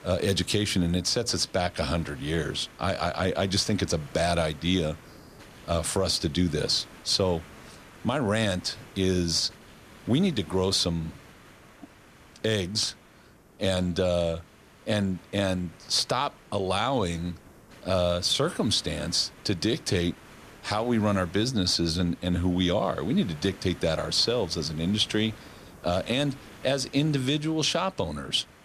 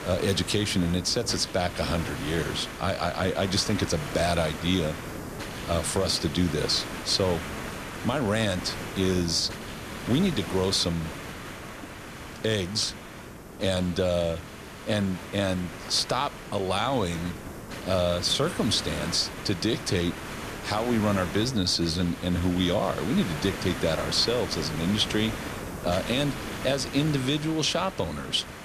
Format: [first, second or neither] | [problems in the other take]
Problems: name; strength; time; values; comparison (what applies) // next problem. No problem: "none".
first | hiss; loud; throughout; 10 dB below the speech; faint in the first